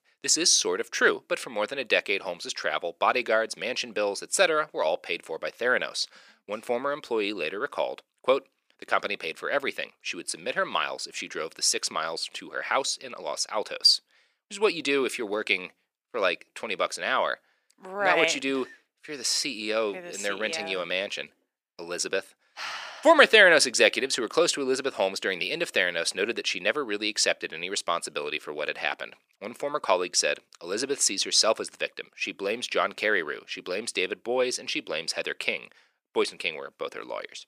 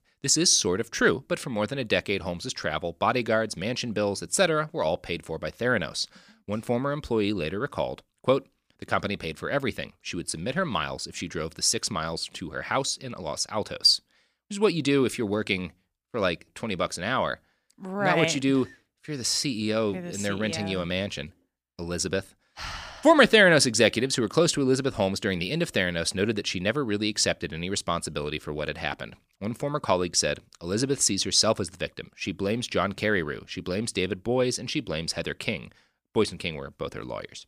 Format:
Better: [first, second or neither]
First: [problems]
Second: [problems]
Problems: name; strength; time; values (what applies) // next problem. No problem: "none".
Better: second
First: thin; somewhat; fading below 450 Hz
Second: none